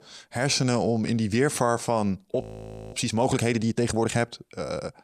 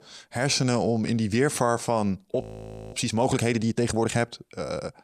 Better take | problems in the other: neither | audio freezing; at 2.5 s for 0.5 s; the same in both

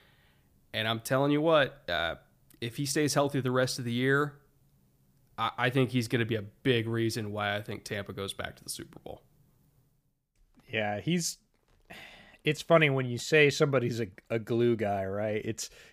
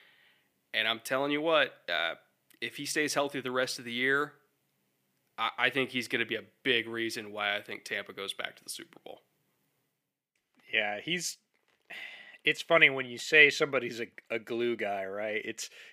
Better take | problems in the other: first | thin; somewhat; fading below 300 Hz

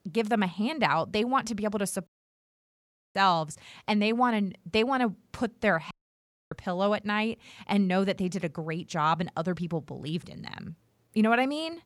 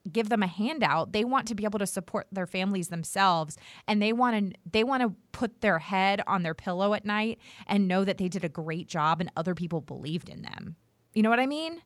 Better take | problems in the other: second | audio cutting out; at 2 s for 1 s and at 6 s for 0.5 s

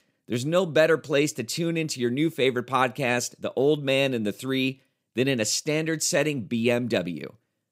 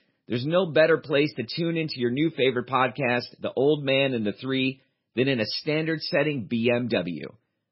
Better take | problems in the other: first | garbled, watery; badly; nothing above 5.5 kHz

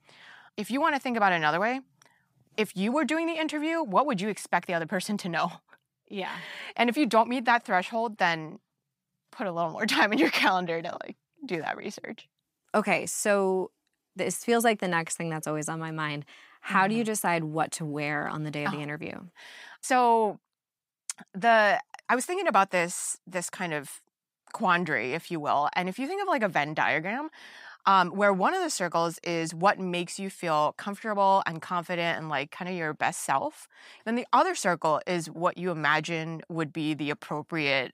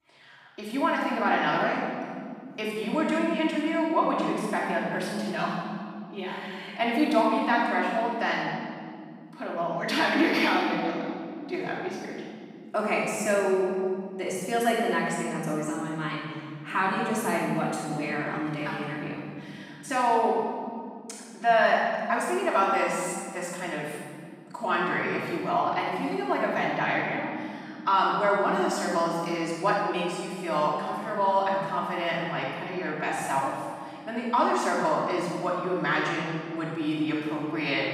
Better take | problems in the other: first | off-mic speech; far // room echo; strong; dies away in 2.1 s

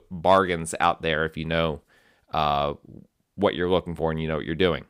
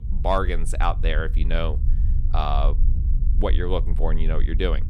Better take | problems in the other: first | low rumble; noticeable; throughout; 15 dB below the speech

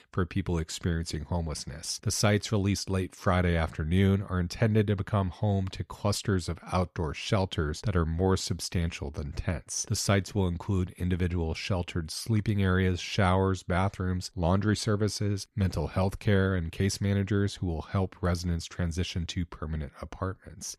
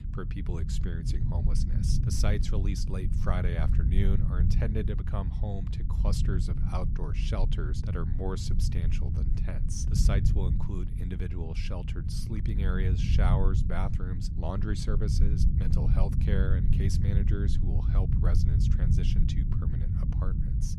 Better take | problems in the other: first | low rumble; loud; throughout; 3 dB below the speech

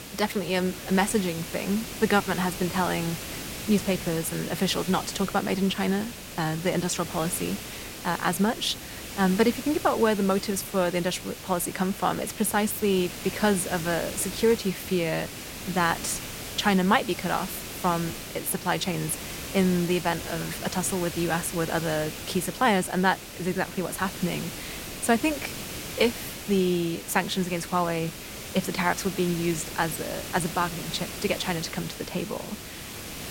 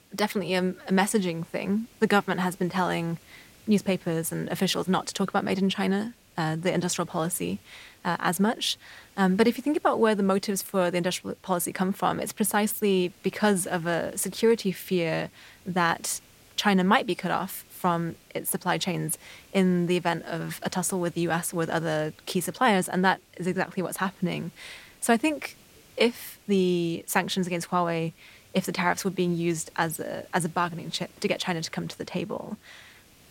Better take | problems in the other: second | hiss; loud; throughout; 9 dB below the speech; faint in the second

